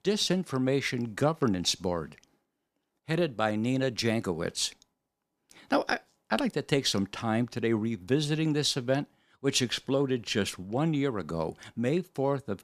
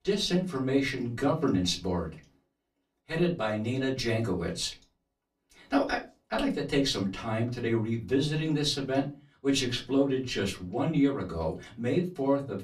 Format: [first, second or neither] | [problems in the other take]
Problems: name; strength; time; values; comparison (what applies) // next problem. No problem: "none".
first | off-mic speech; far // room echo; very slight; dies away in 0.3 s